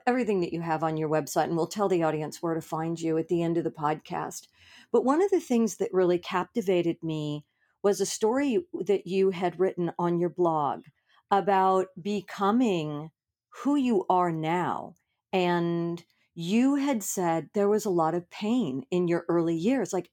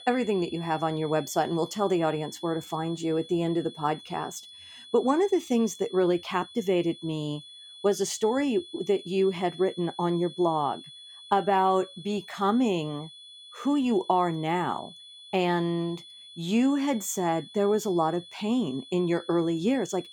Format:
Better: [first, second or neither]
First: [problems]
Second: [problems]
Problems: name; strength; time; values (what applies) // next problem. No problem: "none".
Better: first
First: none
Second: high-pitched whine; noticeable; throughout; 3.5 kHz, 15 dB below the speech